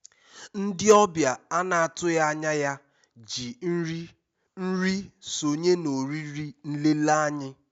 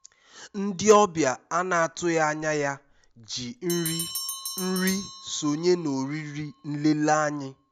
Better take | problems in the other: first | background sound (Bell); 14 dB below the speech

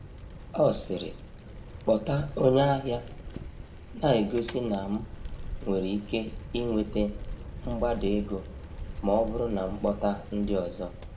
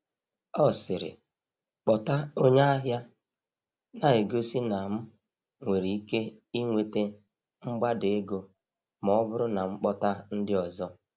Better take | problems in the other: second | background sound (Bicycle); 10 dB below the speech // room echo; dies away in 0.6 s

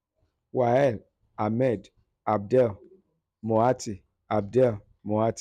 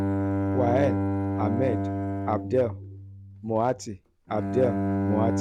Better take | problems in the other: first | background sound (Bowed string instrument); 1 dB above the speech

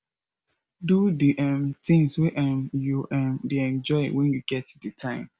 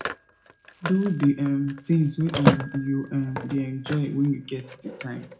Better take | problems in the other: first | background sound (Telephone); 5 dB below the speech // room echo; dies away in 0.3 s

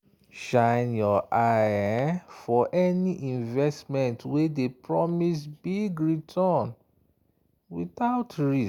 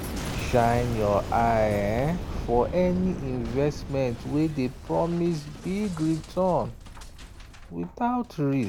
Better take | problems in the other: first | background sound (Boom); 9 dB below the speech

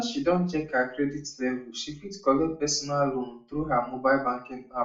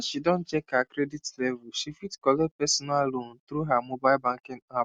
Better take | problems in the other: second | room echo; dies away in 0.3 s

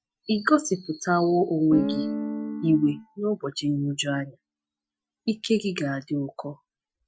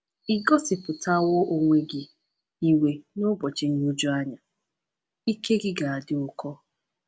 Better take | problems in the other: second | noise reduction (classical method Wiener filter)

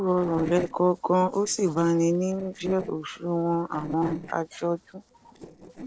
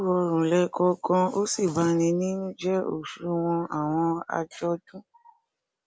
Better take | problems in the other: second | noise reduction (neural separator model SepFormer DNS4)

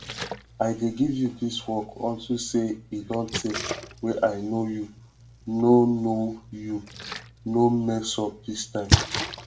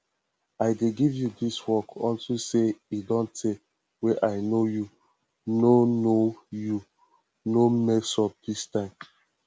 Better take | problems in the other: second | background sound (Splash, splatter); 7 dB below the speech // room echo; dies away in 0.3 s

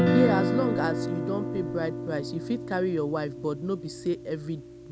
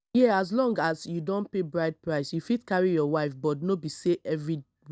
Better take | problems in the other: second | background sound (Guitar); as loud as the speech

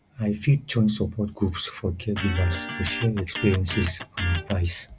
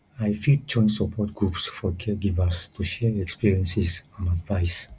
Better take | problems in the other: second | background sound (Electric guitar); 8 dB below the speech

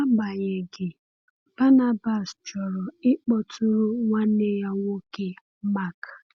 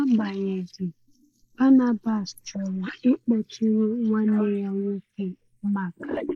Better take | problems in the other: first | noise reduction (neural mask model Resemble Enhance denoiser)

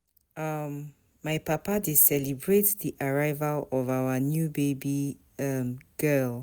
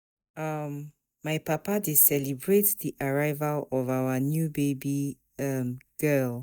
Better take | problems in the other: first | noise reduction (neural mask model DeepFilterNet 3)

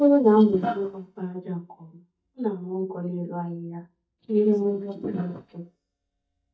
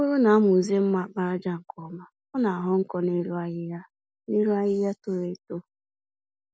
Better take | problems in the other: second | noise reduction (neural mask model DeepFilterNet 3)

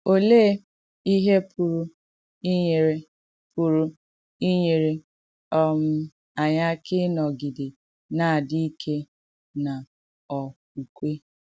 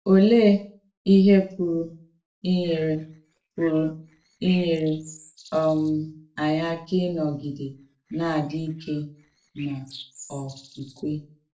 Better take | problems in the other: first | noise reduction (neural separator model SepFormer DNS4)

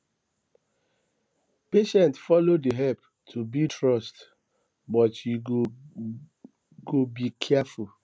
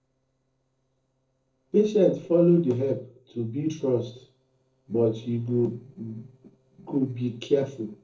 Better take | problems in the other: first | noise reduction (neural separator model SepFormer DNS4)

